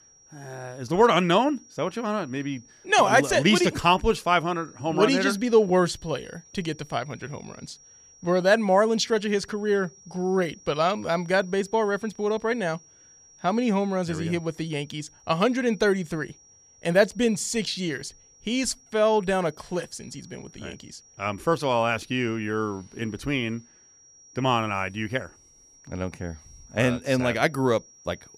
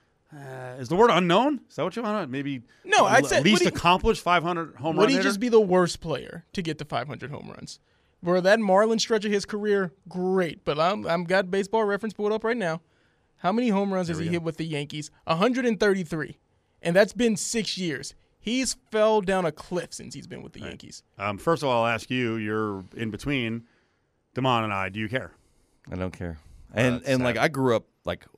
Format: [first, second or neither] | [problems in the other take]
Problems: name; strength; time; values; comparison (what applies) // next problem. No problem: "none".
second | high-pitched whine; faint; throughout; 5.5 kHz, 25 dB below the speech